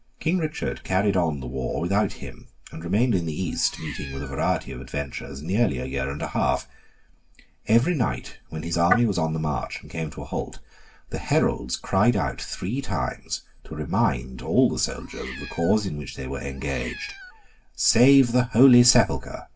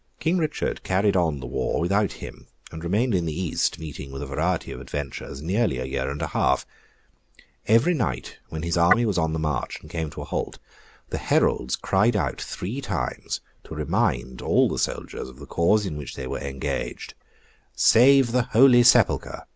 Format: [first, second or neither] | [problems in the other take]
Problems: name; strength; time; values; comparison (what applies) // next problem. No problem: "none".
second | background sound (Meow); 18 dB below the speech // room echo; dies away in 0.2 s